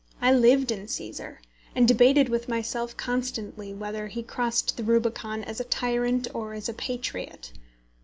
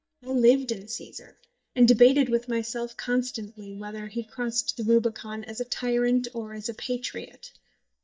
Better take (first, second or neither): first